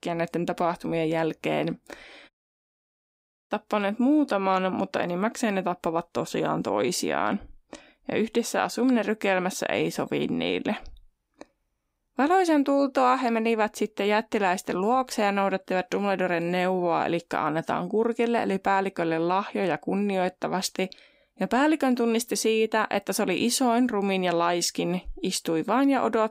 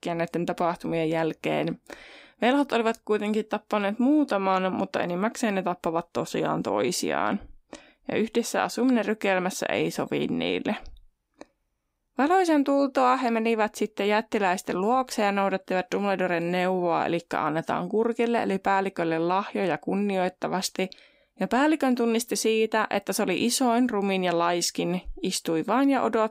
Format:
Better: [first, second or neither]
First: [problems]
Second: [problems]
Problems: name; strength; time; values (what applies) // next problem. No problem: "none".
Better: second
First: audio cutting out; at 2.5 s for 1 s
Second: none